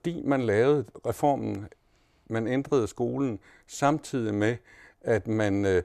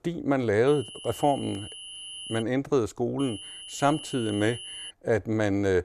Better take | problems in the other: first | high-pitched whine; noticeable; from 0.5 to 2.5 s and from 3 to 5 s; 3 kHz, 10 dB below the speech

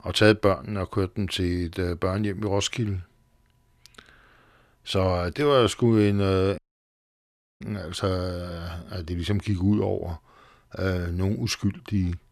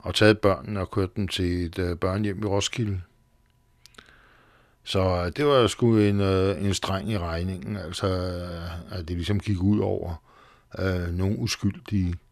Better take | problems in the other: second | audio cutting out; at 6.5 s for 1 s

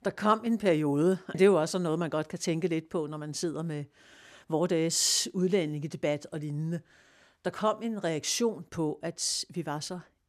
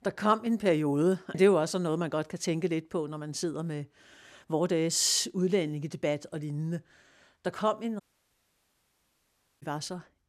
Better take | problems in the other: first | audio cutting out; at 8 s for 1.5 s

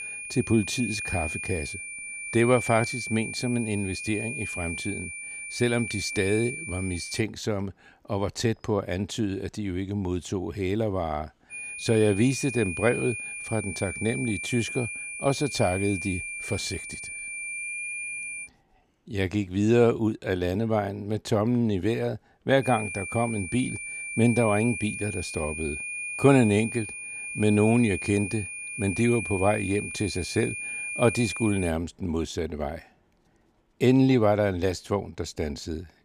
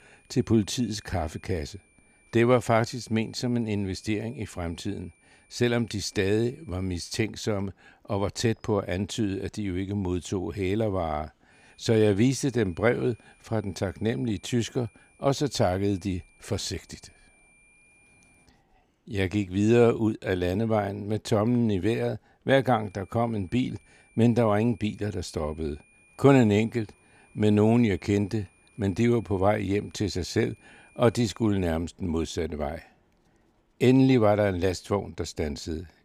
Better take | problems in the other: second | high-pitched whine; loud; until 7 s, from 12 to 18 s and from 23 to 32 s; 2.5 kHz, 6 dB below the speech; faint in the second

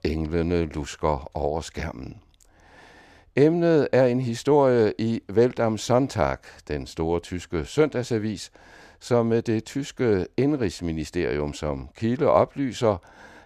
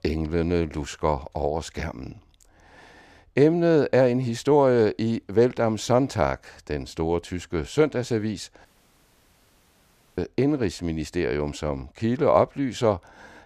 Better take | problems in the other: first | audio cutting out; at 8.5 s for 1.5 s

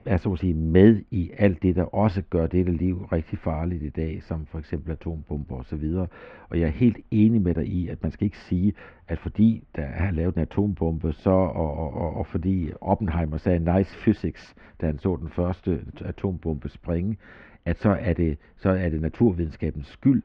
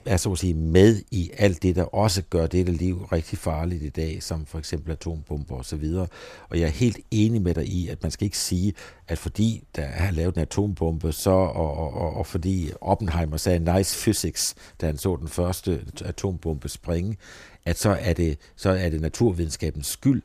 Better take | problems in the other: second | muffled; very; fading above 2.5 kHz

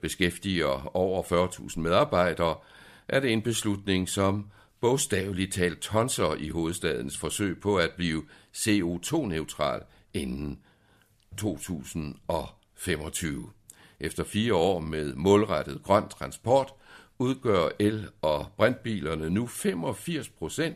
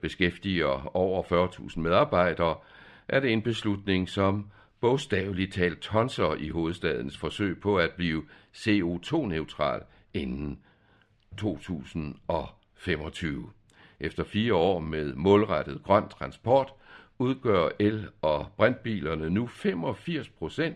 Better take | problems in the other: first | muffled; slightly; fading above 3 kHz

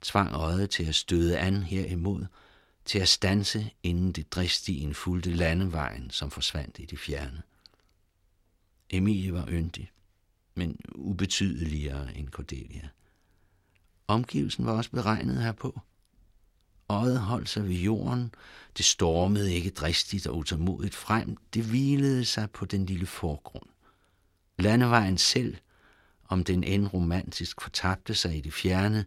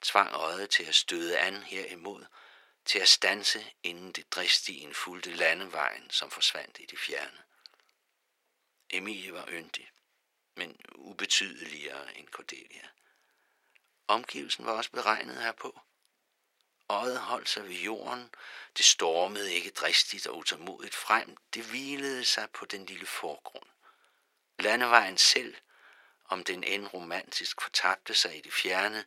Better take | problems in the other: first | thin; very; fading below 500 Hz

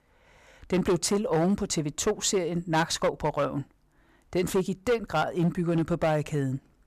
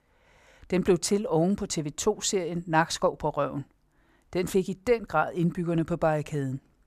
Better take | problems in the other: second | distortion; slight; 7% of the sound clipped

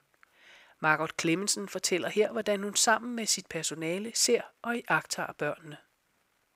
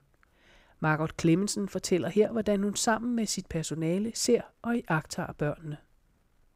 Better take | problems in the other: second | thin; somewhat; fading below 850 Hz

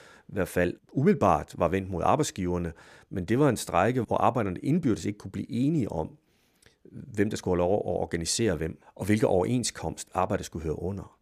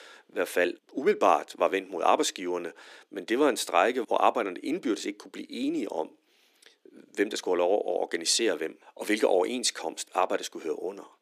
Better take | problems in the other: first | thin; somewhat; fading below 300 Hz

